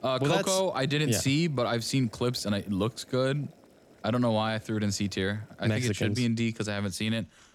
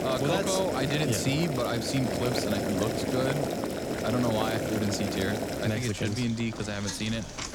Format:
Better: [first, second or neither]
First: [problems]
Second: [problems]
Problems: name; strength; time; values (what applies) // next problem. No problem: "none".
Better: first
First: household noises; faint; throughout; 30 dB below the speech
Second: household noises; loud; throughout; 2 dB below the speech